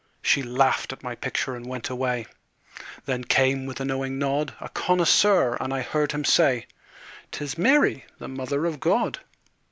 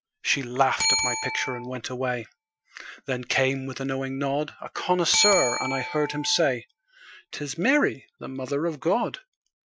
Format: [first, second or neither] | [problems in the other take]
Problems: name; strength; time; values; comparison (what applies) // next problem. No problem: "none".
first | noise reduction (classical method Wiener filter)